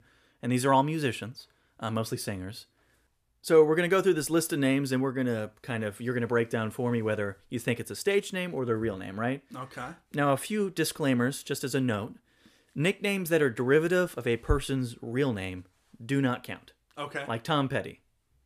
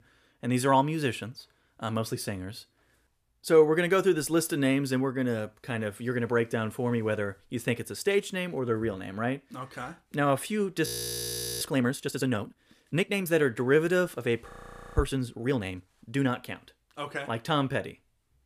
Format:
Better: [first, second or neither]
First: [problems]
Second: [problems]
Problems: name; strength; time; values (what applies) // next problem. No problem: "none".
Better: first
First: none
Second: audio freezing; at 11 s for 1 s and at 14 s